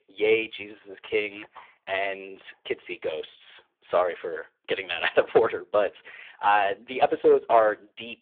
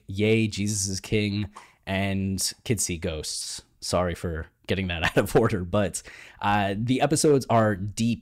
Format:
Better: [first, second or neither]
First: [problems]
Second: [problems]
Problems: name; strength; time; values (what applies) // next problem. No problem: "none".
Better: second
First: phone-call audio; poor line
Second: none